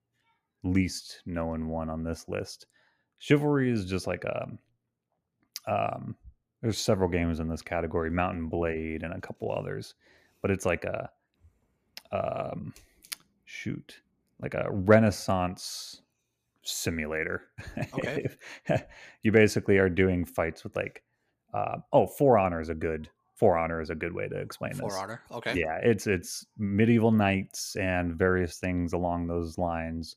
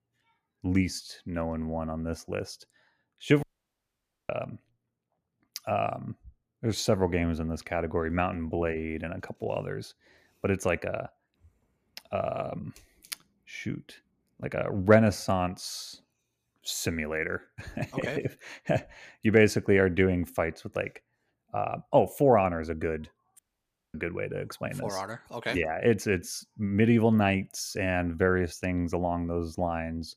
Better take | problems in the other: first | audio cutting out; at 3.5 s for 1 s and at 23 s for 0.5 s

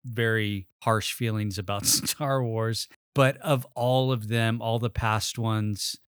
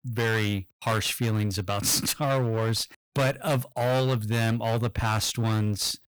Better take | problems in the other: first | distortion; heavy; 20% of the sound clipped

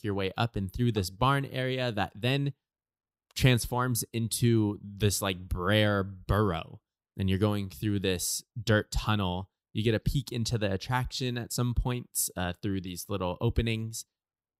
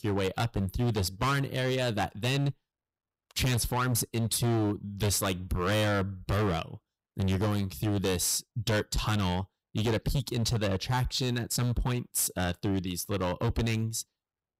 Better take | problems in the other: first | distortion; heavy; 17% of the sound clipped

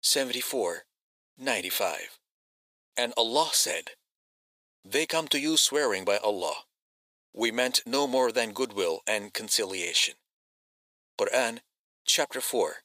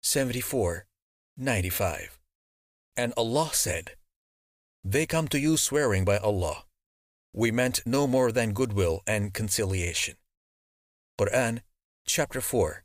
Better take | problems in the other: second | thin; somewhat; fading below 300 Hz

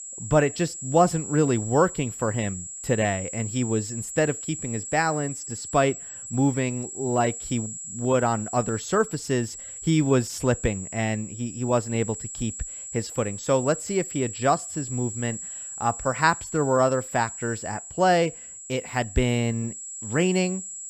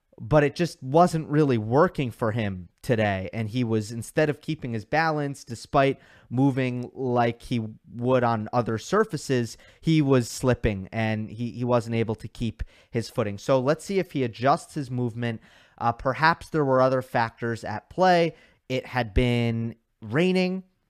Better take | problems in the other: second | high-pitched whine; loud; throughout; 8 kHz, 9 dB below the speech

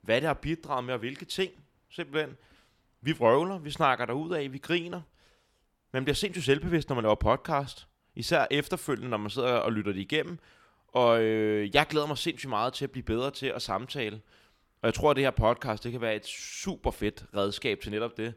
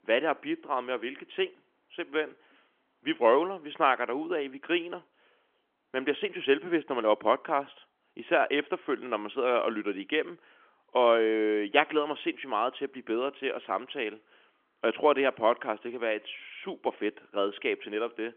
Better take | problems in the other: first | phone-call audio; nothing above 3.5 kHz

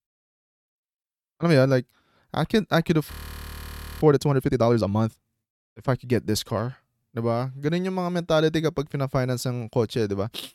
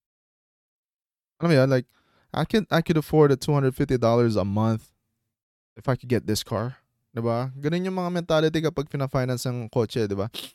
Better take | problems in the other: second | audio freezing; at 3 s for 1 s

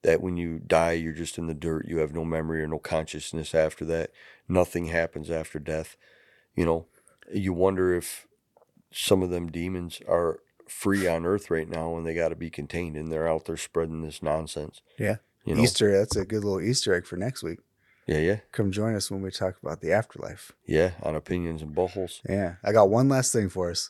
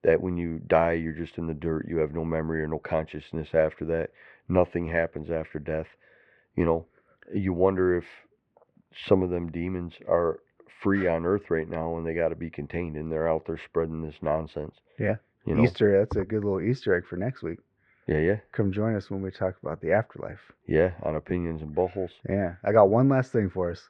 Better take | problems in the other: first | muffled; very; fading above 2.5 kHz

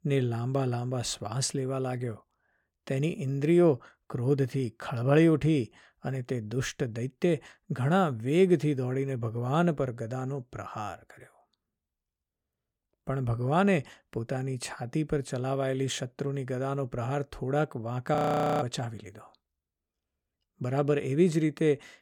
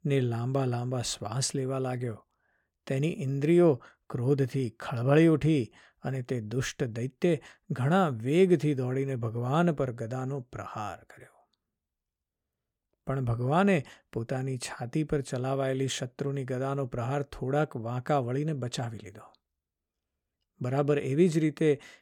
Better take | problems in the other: second | audio freezing; at 18 s

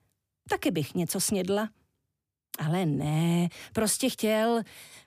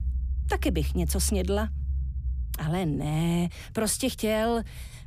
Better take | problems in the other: first | low rumble; faint; throughout; 20 dB below the speech

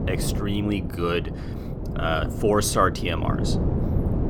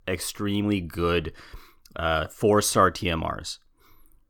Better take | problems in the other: second | wind noise on the microphone; occasional gusts; 10 dB below the speech

